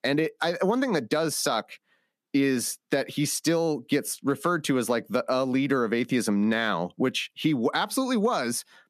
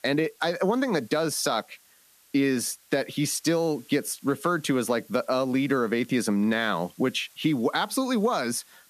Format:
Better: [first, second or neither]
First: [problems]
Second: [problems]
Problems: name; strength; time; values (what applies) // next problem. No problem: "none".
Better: first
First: none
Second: hiss; faint; throughout; 30 dB below the speech